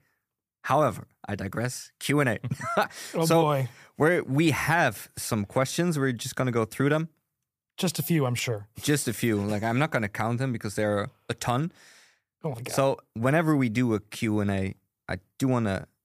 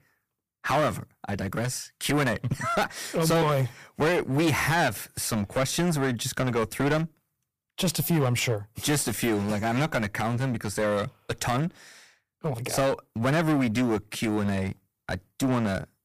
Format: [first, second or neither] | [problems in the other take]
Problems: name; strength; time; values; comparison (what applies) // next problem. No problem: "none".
first | distortion; heavy; 12% of the sound clipped